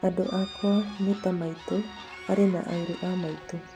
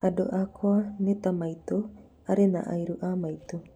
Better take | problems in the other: second | background sound (Bird / Fowl + Musical instrument); 15 dB below the speech

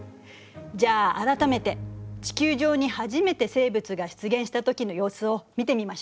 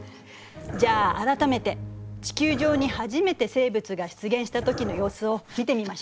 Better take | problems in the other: first | background sound (Domestic sounds, home sounds + Dog); 13 dB below the speech

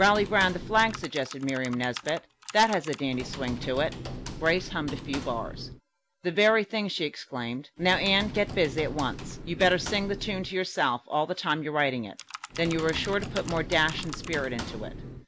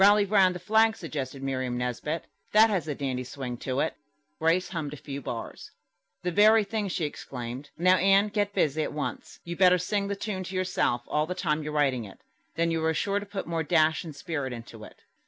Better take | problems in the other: second | background sound (Computer keyboard + Computer keyboard); 11 dB below the speech

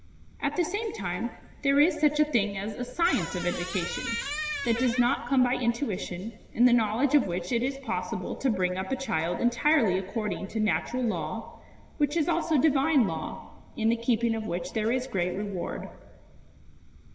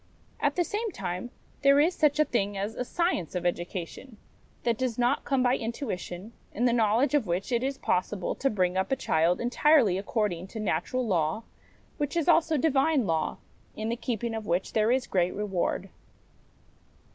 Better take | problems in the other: second | background sound (Squeak); 8 dB below the speech // room echo; dies away in 1.4 s

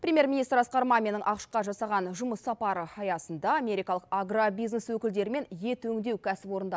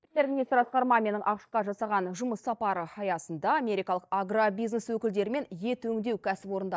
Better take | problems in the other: first | noise reduction (neural mask model DeepFilterNet 3)

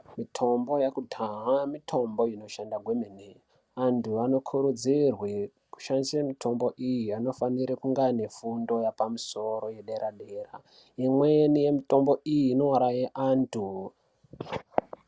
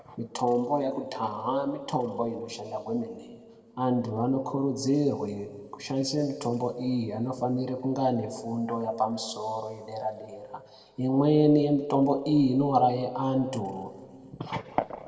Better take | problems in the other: first | room echo; dies away in 1.4 s

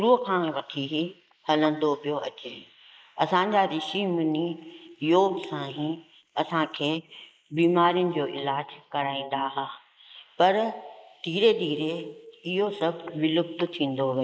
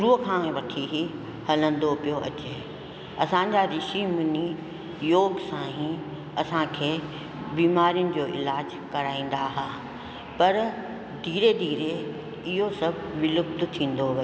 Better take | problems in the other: second | noise reduction (neural mask model Resemble Enhance denoiser)

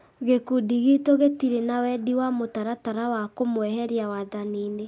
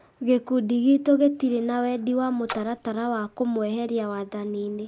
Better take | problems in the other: first | background sound (Splash, splatter); 17 dB below the speech

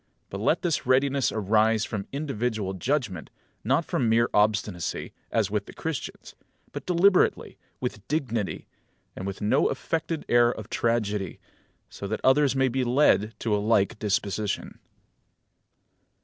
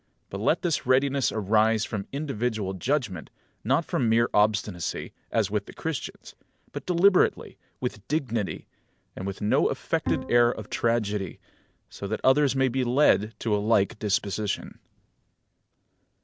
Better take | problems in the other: first | background sound (Bowed string instrument); 9 dB below the speech

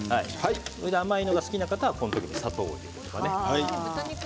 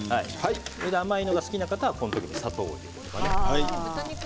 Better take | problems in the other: first | background sound (Slam / Alarm); 3 dB below the speech

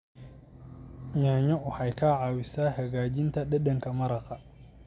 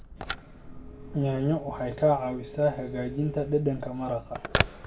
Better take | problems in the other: first | background sound (Telephone); 7 dB below the speech // room echo; dies away in 0.2 s

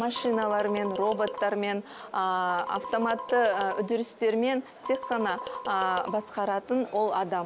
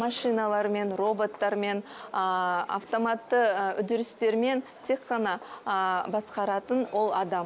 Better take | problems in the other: second | background sound (Marimba, xylophone); 11 dB below the speech

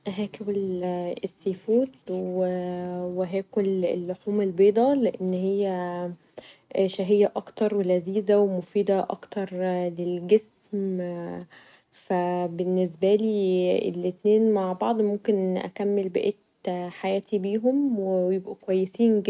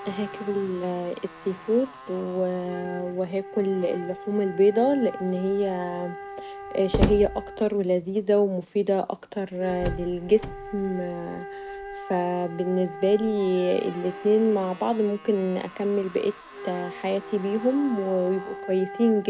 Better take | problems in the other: first | background sound (Wind instrument, woodwind instrument + Slam); 11 dB below the speech

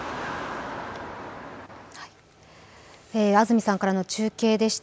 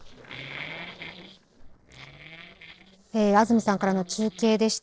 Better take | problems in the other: first | noise reduction (neural separator model SepFormer DNS4)

